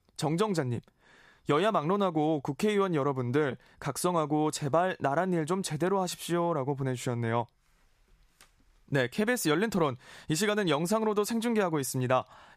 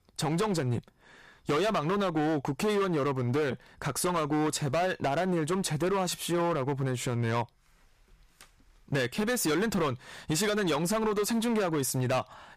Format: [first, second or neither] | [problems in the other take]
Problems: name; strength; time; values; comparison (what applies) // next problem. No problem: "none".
first | distortion; heavy; 16% of the sound clipped